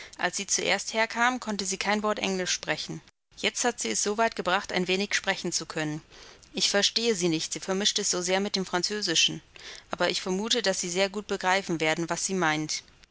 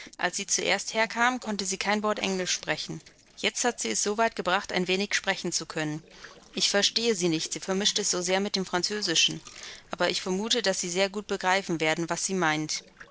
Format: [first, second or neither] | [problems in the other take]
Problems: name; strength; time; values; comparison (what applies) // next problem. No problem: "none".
first | noise reduction (neural separator model SepFormer DNS4)